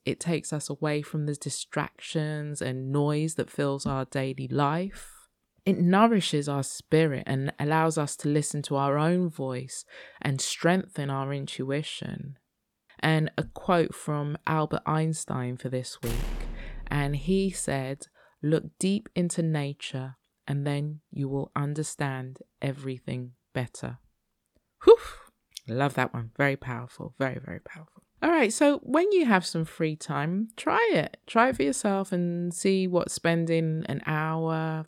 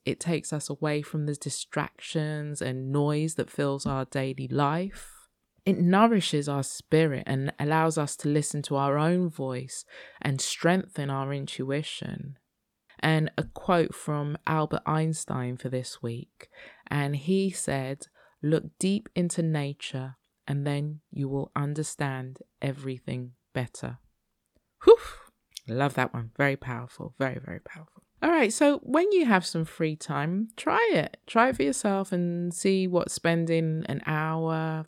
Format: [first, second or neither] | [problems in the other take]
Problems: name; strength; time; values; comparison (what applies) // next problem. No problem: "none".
second | door banging; noticeable; from 16 to 18 s; peak 8 dB below the speech